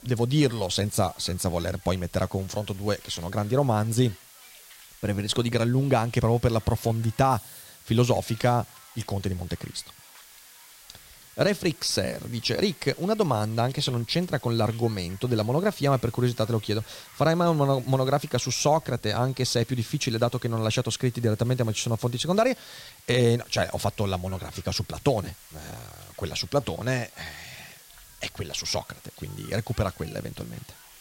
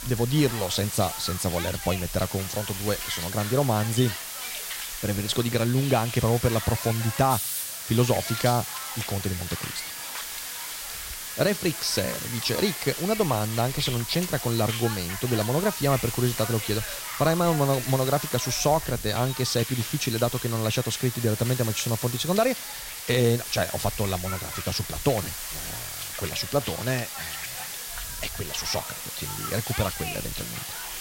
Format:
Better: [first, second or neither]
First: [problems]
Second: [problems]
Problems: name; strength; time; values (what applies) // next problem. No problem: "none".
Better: first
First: hiss; faint; throughout; 20 dB below the speech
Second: hiss; loud; throughout; 5 dB below the speech